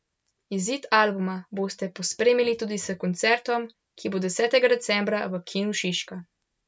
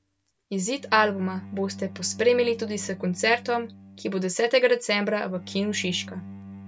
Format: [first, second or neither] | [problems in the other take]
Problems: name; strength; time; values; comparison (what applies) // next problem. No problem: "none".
first | background sound (Bowed string instrument); 17 dB below the speech